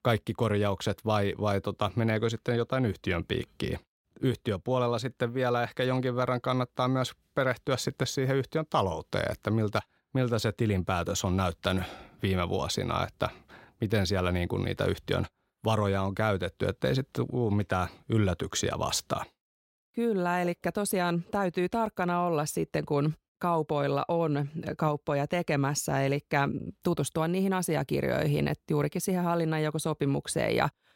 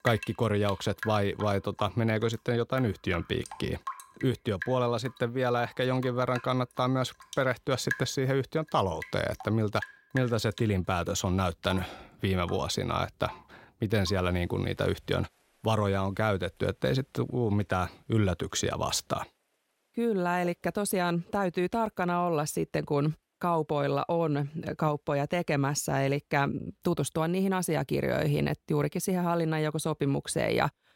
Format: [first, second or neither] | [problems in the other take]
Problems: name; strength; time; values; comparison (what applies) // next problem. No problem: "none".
first | rain or running water; noticeable; throughout; 15 dB below the speech